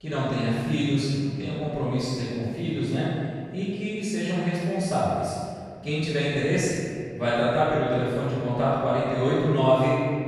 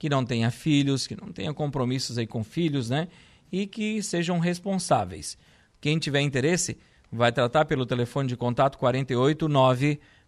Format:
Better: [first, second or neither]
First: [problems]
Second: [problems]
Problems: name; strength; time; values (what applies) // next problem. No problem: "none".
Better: second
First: off-mic speech; far // room echo; strong; dies away in 2 s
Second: none